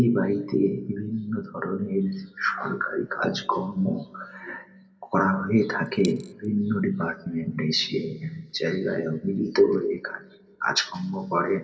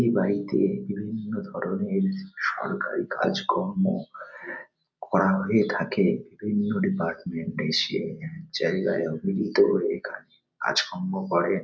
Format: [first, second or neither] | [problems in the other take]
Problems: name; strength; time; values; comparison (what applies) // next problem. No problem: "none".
second | background sound (Coin (dropping)); 19 dB below the speech // room echo; dies away in 1.3 s